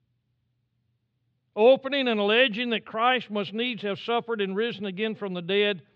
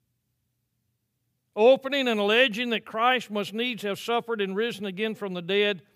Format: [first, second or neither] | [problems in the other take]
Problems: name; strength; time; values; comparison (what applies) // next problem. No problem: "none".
second | muffled; very slightly; fading above 4 kHz